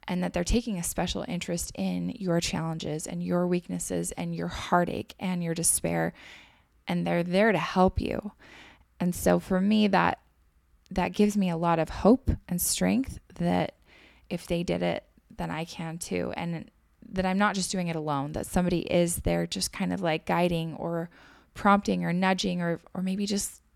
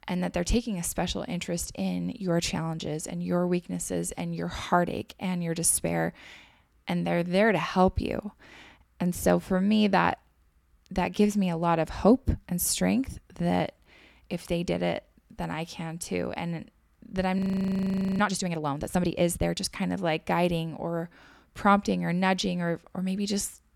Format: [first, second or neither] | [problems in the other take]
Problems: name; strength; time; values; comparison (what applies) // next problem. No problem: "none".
first | audio freezing; at 17 s for 1 s